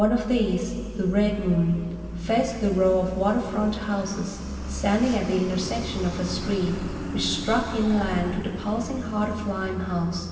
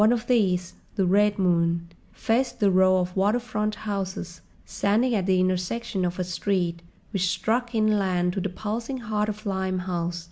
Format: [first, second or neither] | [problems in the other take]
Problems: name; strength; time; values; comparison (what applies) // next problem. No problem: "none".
second | background sound (Truck); 10 dB below the speech // room echo; dies away in 2.6 s